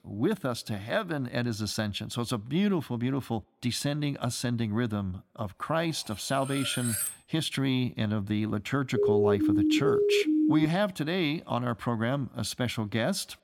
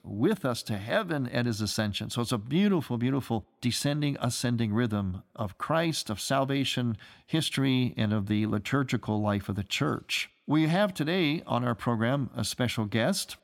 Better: second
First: clattering dishes; loud; at 6.5 s; peak level with the speech // siren; loud; from 9 to 11 s; peak 6 dB above the speech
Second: none

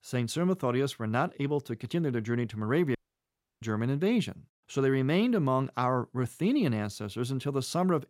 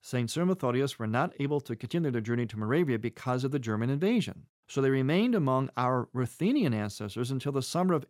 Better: second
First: audio cutting out; at 3 s for 0.5 s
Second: none

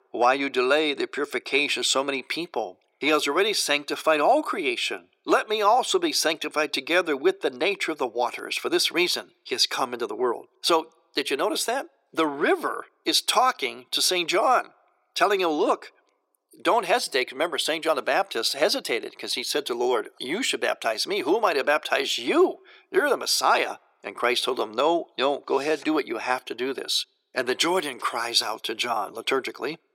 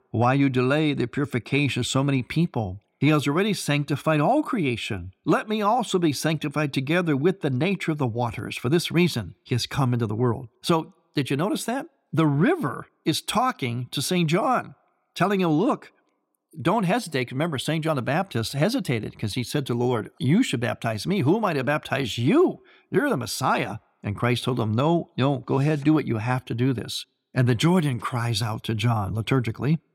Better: second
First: thin; very; fading below 400 Hz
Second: none

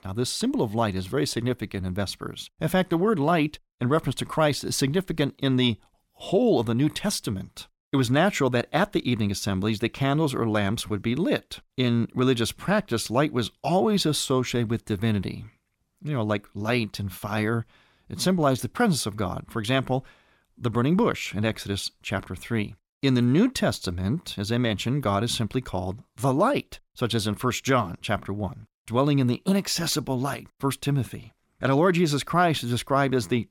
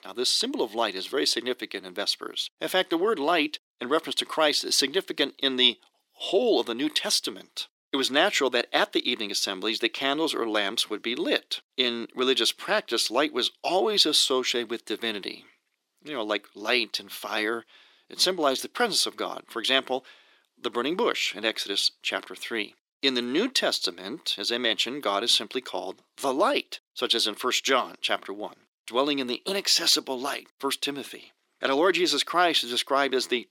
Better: first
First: none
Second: thin; somewhat; fading below 350 Hz

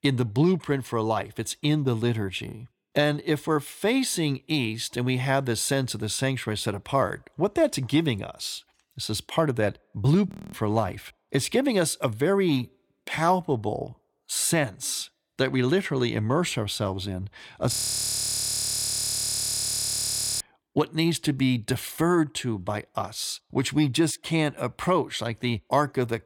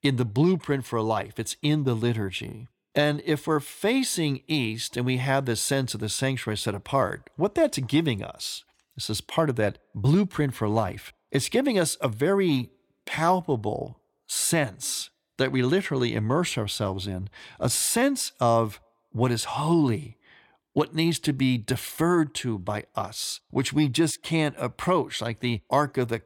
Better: second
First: audio freezing; at 10 s and at 18 s for 2.5 s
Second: none

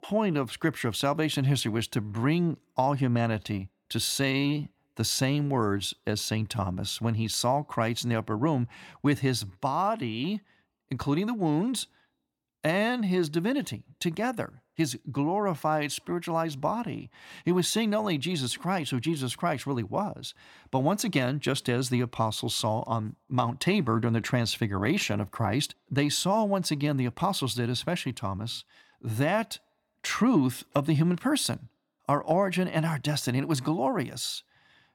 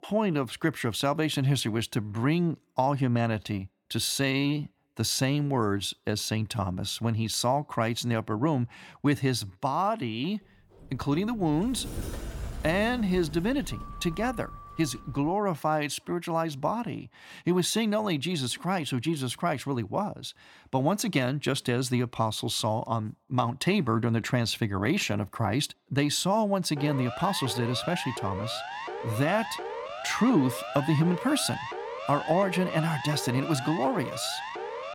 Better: first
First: none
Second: door banging; noticeable; from 11 to 15 s; peak 8 dB below the speech // siren; noticeable; from 27 s on; peak 7 dB below the speech

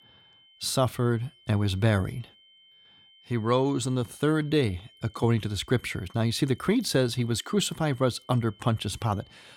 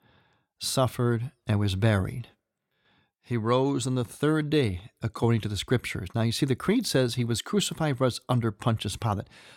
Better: second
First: high-pitched whine; faint; throughout; 3 kHz, 25 dB below the speech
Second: none

